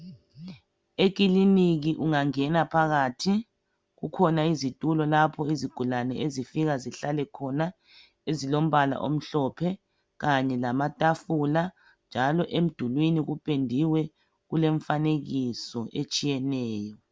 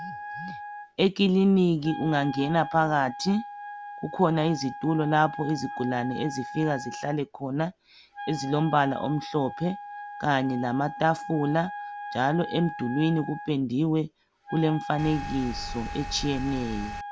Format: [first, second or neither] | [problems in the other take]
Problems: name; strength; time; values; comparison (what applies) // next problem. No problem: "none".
first | background sound (Engine + Wind instrument, woodwind instrument); 11 dB below the speech